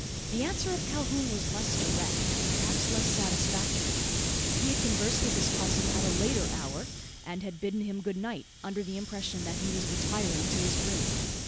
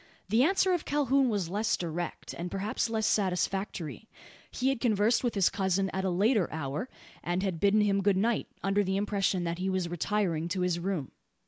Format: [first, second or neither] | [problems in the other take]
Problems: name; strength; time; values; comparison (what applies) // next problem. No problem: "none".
second | background sound (Hiss); 5 dB above the speech